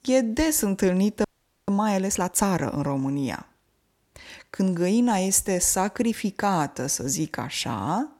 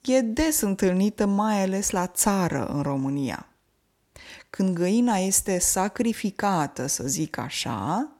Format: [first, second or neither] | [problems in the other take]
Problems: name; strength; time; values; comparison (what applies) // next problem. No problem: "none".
second | audio freezing; at 1 s